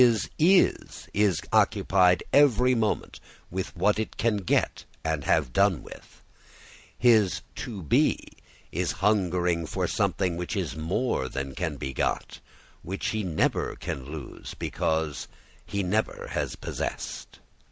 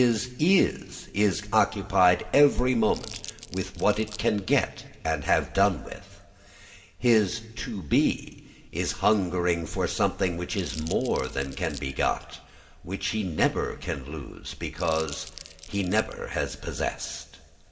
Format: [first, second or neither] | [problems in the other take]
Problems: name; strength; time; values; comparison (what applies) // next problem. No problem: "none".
first | background sound (Crumpling, crinkling); 17 dB below the speech // room echo; dies away in 1.5 s